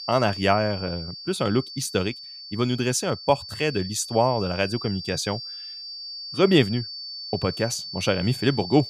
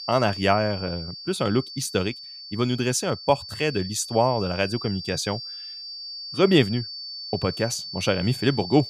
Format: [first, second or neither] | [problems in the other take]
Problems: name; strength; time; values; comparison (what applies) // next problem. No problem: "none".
neither | high-pitched whine; loud; throughout; 4.5 kHz, 10 dB below the speech; the same in both